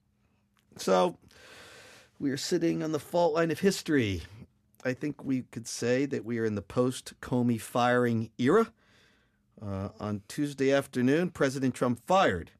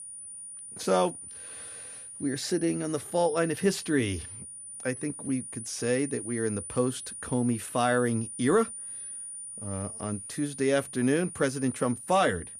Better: first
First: none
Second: high-pitched whine; loud; throughout; 9.5 kHz, 10 dB below the speech

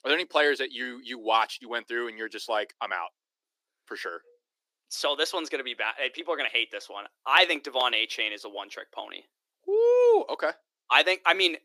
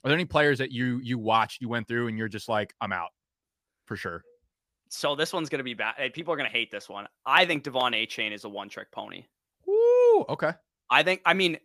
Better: second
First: thin; somewhat; fading below 300 Hz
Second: none

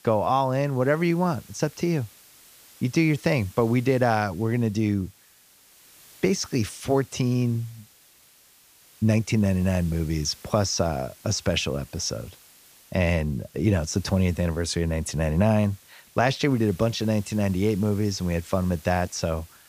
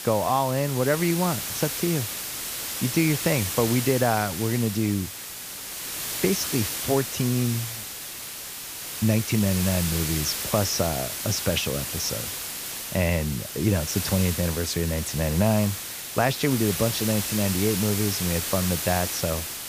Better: first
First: hiss; faint; throughout; 25 dB below the speech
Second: hiss; loud; throughout; 4 dB below the speech

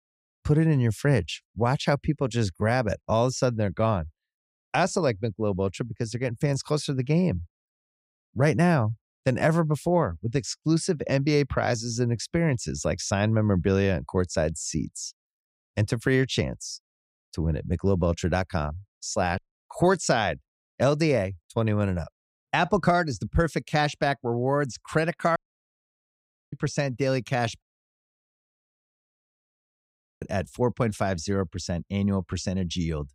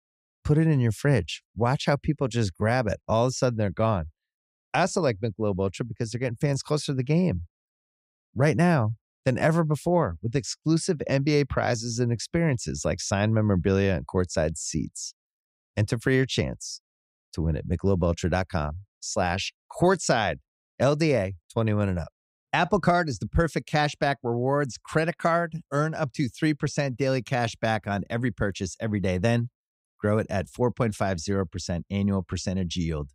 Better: second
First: audio cutting out; at 19 s, at 25 s for 1 s and at 28 s for 2.5 s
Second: none

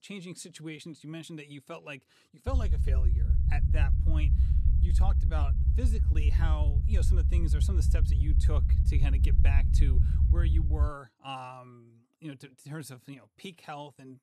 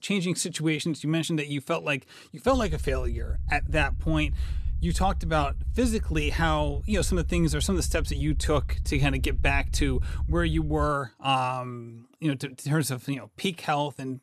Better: second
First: low rumble; loud; from 2.5 to 11 s; 3 dB below the speech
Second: low rumble; faint; from 2.5 to 11 s; 25 dB below the speech

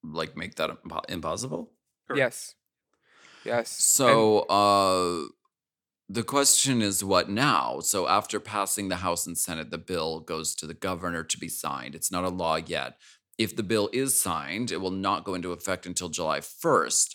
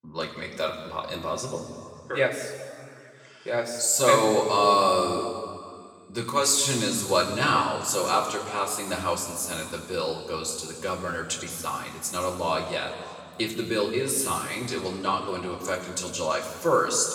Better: first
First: none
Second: room echo; noticeable; dies away in 2 s // off-mic speech; far

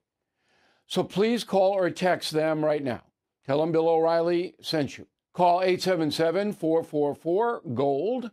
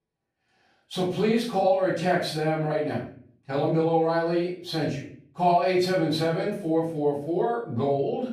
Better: first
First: none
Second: off-mic speech; far // room echo; noticeable; dies away in 0.4 s

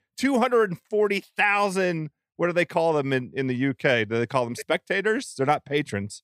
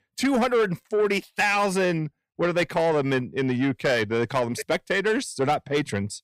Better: first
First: none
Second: distortion; slight; 10 dB below the speech

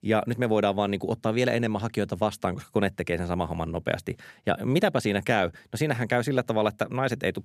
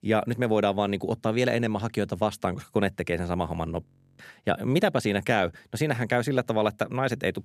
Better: first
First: none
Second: audio freezing; at 4 s

